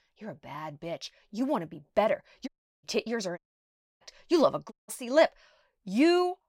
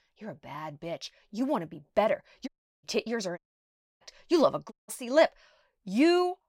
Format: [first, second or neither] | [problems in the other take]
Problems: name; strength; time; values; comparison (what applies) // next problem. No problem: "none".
neither | audio cutting out; at 2.5 s, at 3.5 s for 0.5 s and at 4.5 s; the same in both